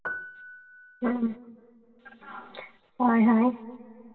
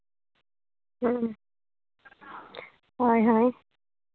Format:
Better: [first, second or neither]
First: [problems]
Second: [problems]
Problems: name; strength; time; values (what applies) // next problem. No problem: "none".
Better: second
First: background sound (Piano); 13 dB below the speech // room echo; dies away in 2.7 s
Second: none